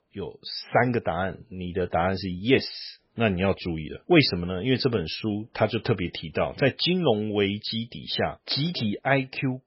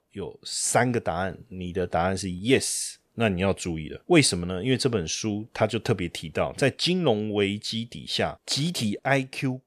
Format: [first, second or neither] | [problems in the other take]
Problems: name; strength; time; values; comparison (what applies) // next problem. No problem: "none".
second | garbled, watery; badly; nothing above 5.5 kHz